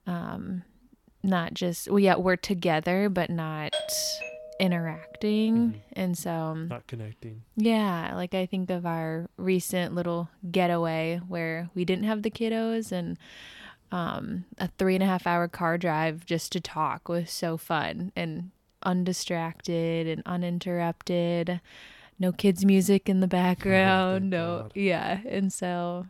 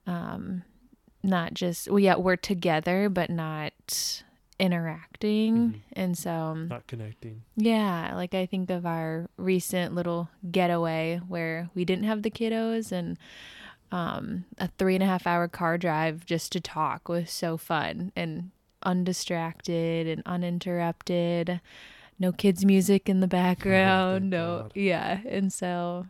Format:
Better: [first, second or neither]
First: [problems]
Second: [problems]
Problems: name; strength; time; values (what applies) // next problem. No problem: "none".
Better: second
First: doorbell; noticeable; from 3.5 to 5 s; peak 4 dB below the speech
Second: none